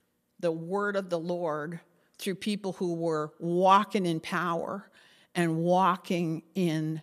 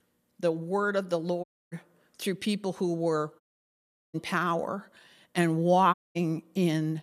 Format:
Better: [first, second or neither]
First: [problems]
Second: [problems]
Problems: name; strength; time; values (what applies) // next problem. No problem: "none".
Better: first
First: none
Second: audio cutting out; at 1.5 s, at 3.5 s for 0.5 s and at 6 s